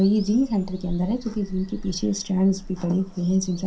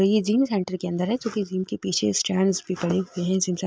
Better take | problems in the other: second | background sound (Bird vocalization, bird call, bird song); 14 dB below the speech // room echo; dies away in 0.3 s

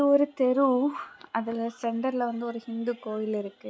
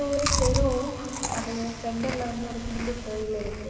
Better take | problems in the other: first | background sound (Chewing, mastication); 1 dB below the speech // room echo; dies away in 2.5 s

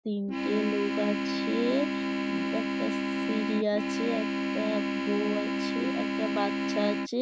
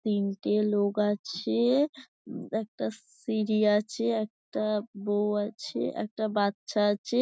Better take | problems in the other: second | background sound (Organ); 2 dB above the speech

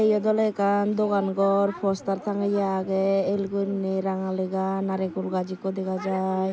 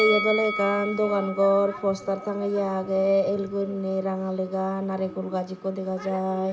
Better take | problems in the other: first | background sound (Bell); 10 dB below the speech // room echo; dies away in 1.1 s

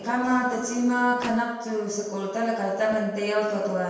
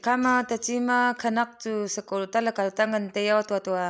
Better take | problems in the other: second | background sound (Sliding door); 19 dB below the speech // room echo; dies away in 1.2 s

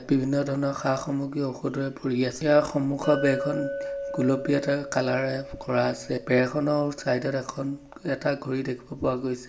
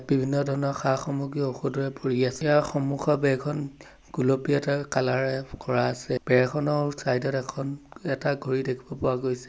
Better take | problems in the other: second | background sound (Chink, clink); 12 dB below the speech // room echo; dies away in 0.4 s

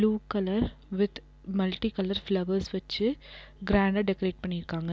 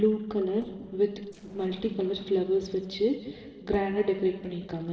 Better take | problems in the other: first | noise reduction (neural separator model SepFormer DNS4)

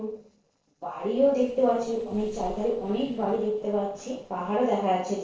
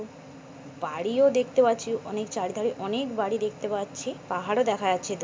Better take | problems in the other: second | noise reduction (neural separator model SepFormer DNS4)

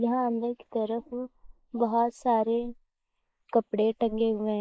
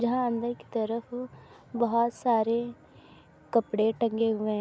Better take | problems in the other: second | noise reduction (neural mask model Resemble Enhance denoiser)

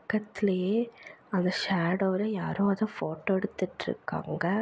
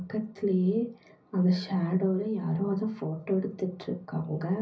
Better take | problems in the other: first | room echo; dies away in 0.5 s

